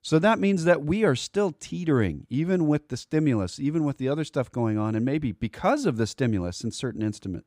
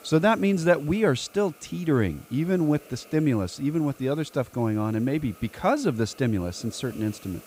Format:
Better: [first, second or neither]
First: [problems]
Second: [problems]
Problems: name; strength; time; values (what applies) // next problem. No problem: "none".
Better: first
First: none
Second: hiss; faint; throughout; 25 dB below the speech